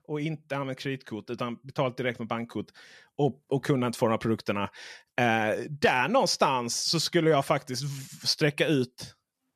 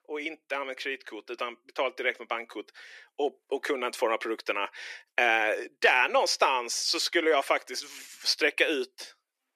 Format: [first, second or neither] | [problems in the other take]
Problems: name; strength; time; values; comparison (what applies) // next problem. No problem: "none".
first | thin; very; fading below 350 Hz